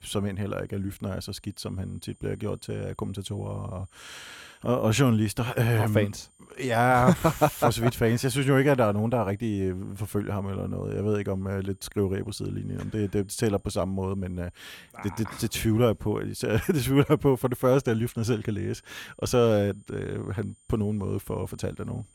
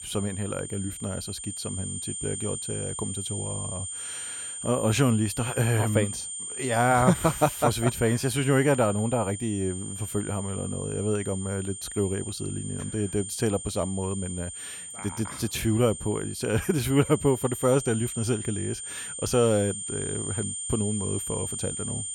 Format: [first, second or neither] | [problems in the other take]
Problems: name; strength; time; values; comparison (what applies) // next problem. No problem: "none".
first | high-pitched whine; loud; throughout; 8.5 kHz, 6 dB below the speech; faint in the first